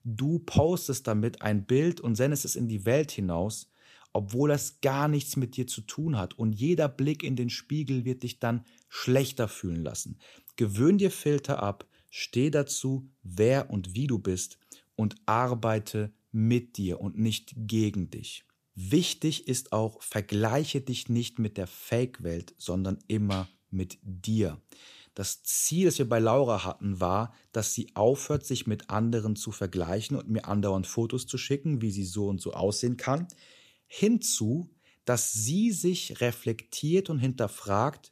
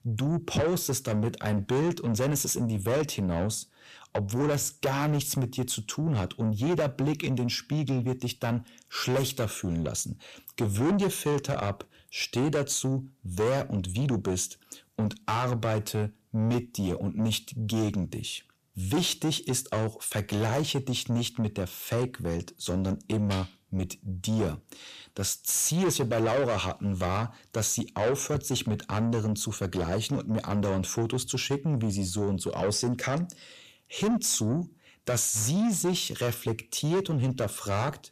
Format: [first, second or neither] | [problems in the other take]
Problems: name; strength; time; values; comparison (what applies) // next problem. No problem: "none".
first | distortion; heavy; 7 dB below the speech